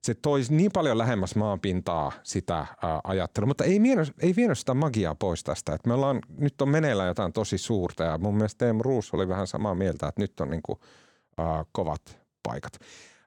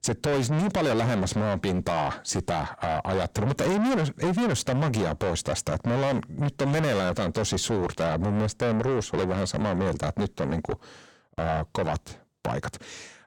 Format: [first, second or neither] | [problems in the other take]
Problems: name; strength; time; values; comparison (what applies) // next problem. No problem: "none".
first | distortion; heavy; 5 dB below the speech